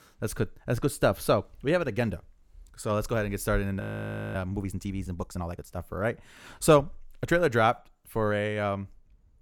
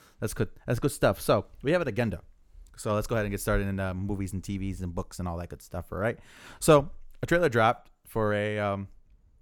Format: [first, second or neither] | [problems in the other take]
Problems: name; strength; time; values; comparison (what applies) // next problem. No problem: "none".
second | audio freezing; at 4 s for 0.5 s